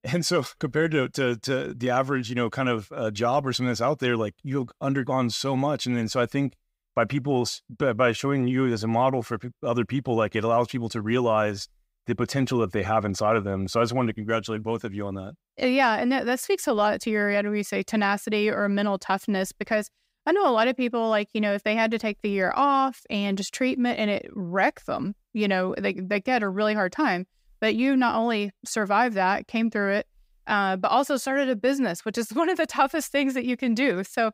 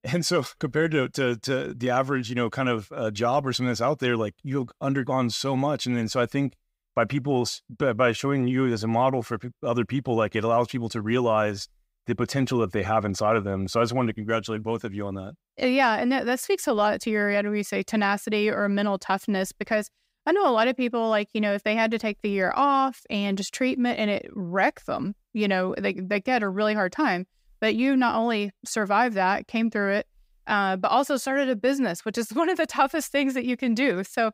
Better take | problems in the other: neither | none

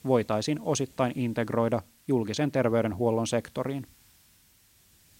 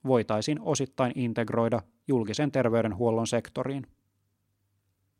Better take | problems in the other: second | hiss; faint; throughout; 30 dB below the speech

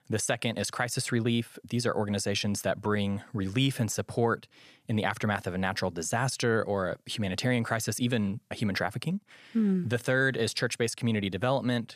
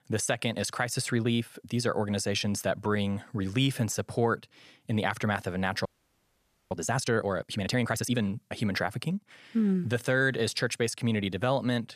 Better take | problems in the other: first | audio freezing; at 6 s for 1 s

